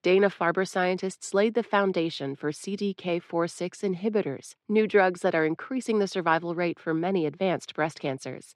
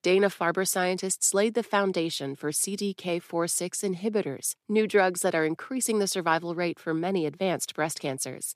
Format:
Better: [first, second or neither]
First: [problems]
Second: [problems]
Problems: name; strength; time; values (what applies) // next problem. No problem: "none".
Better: second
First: muffled; slightly; fading above 3.5 kHz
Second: none